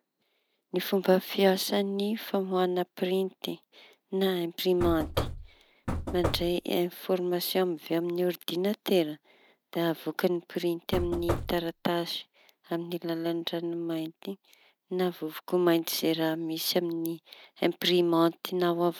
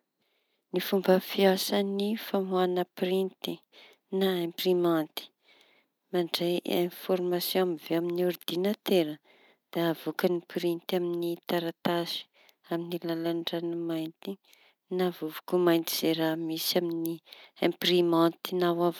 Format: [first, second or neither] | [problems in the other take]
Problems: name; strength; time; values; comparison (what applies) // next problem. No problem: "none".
second | background sound (Knock / Wood); 5 dB below the speech